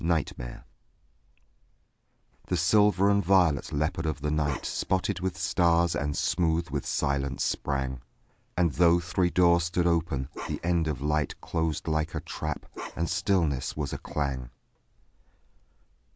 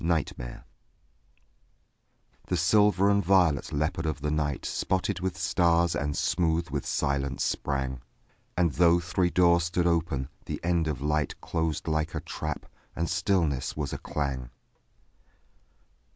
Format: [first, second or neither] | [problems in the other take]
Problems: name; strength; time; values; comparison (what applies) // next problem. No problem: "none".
second | noise reduction (neural mask model Resemble Enhance denoiser)